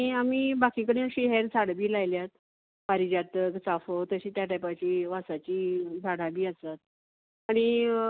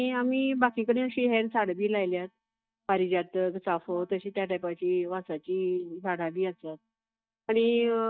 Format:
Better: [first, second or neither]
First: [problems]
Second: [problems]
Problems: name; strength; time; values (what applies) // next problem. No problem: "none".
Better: first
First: none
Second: noise reduction (neural mask model DeepFilterNet 3)